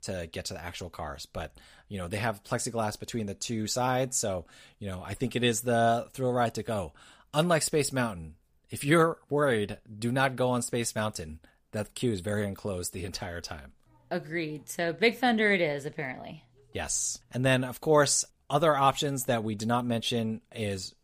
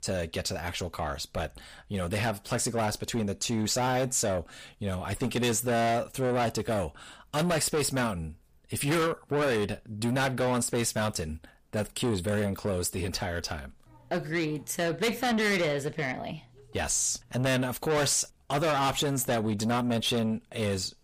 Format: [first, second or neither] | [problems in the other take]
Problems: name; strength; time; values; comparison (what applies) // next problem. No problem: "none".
first | distortion; heavy; 6 dB below the speech